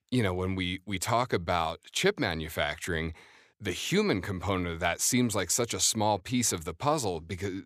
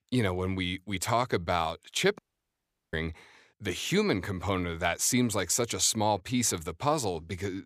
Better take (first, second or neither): first